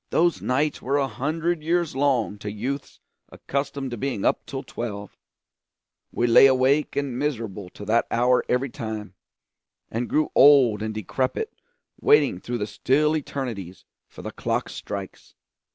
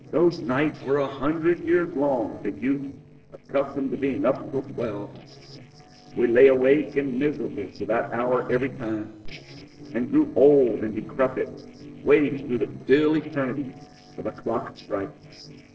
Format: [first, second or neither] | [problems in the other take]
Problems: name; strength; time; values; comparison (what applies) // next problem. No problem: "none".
first | noise reduction (neural separator model SepFormer DNS4)